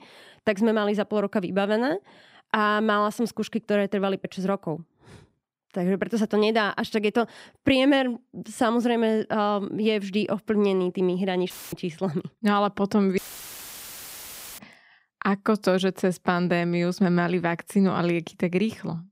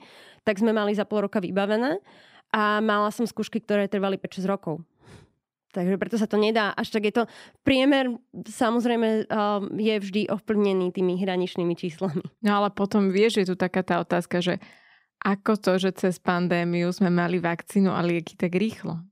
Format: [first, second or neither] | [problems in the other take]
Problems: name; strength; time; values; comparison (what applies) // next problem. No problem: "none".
second | audio cutting out; filled with static; at 12 s and at 13 s for 1.5 s